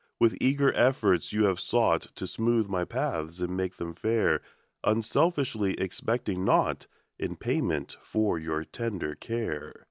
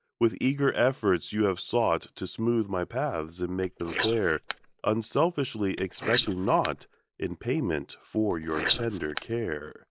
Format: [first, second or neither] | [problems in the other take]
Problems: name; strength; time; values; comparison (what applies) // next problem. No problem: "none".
first | noise reduction (neural mask model Resemble Enhance denoiser)